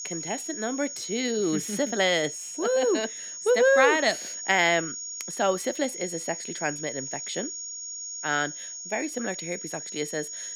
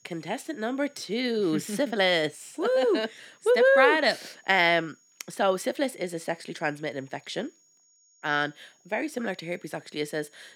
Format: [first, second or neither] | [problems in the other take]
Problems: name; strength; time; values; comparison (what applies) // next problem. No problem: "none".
second | high-pitched whine; loud; throughout; 6.5 kHz, 7 dB below the speech; faint in the second